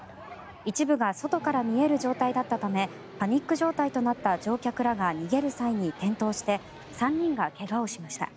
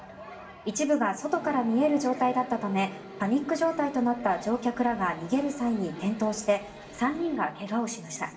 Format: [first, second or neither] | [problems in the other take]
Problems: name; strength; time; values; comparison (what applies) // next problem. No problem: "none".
first | room echo; dies away in 0.7 s